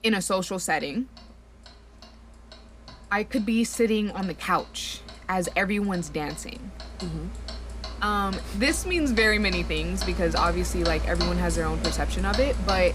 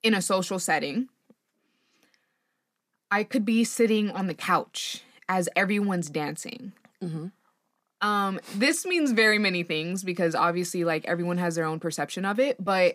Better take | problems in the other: second | household noises; loud; throughout; 6 dB below the speech

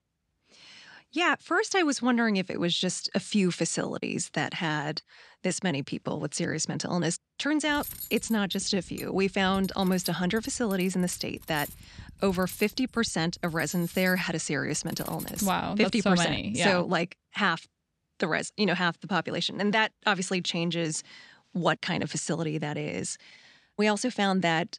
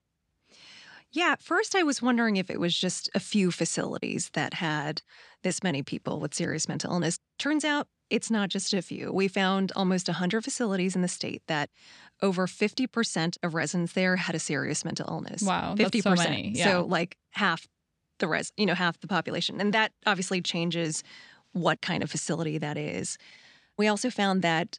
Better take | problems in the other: second | clattering dishes; noticeable; from 7.5 to 16 s; peak 9 dB below the speech

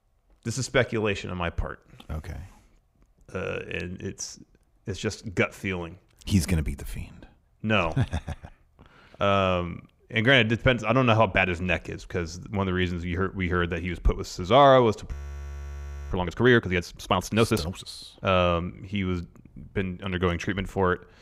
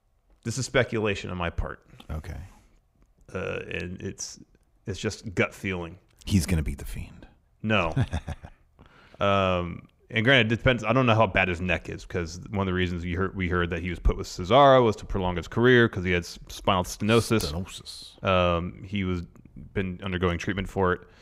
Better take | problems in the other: second | audio freezing; at 15 s for 1 s

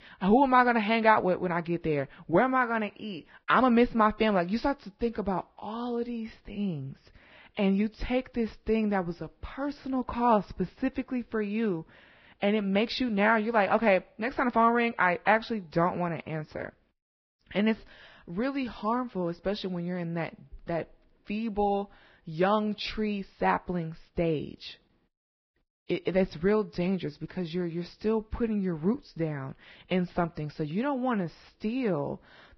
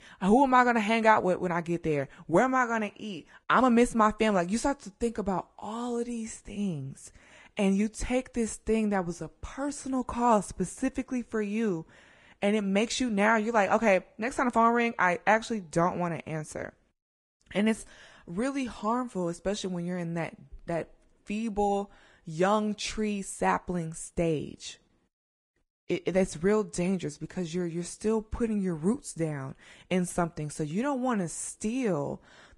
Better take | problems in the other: second | garbled, watery; badly; nothing above 5.5 kHz; slightly in the second

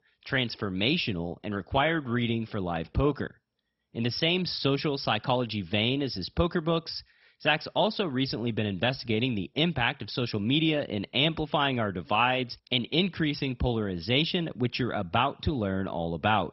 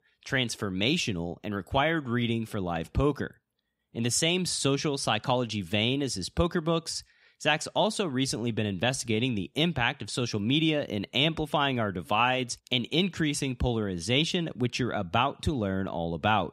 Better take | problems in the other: second | garbled, watery; badly; nothing above 5.5 kHz

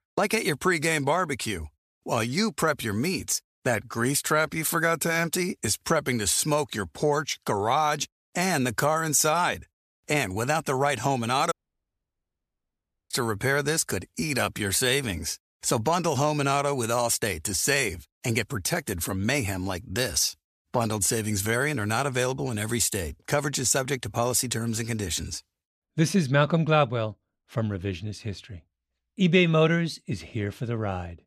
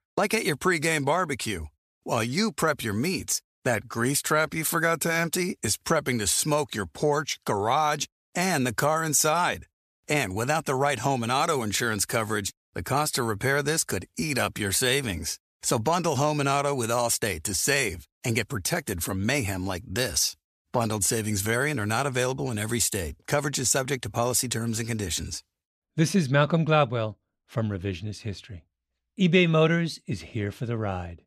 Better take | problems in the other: second | audio cutting out; at 12 s for 1.5 s

